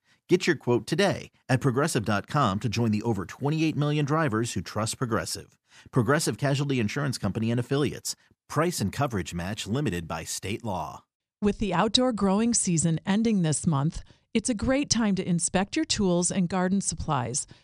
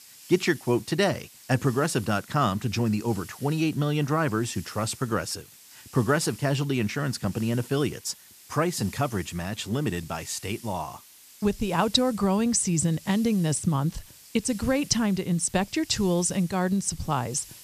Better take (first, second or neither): first